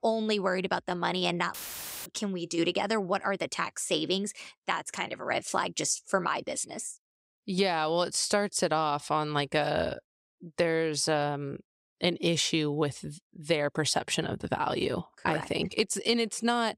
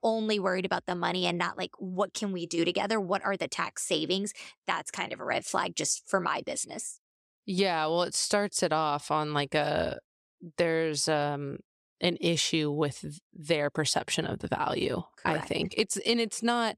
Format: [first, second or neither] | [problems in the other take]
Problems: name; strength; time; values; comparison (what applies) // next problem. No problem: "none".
second | audio cutting out; filled with static; at 1.5 s for 0.5 s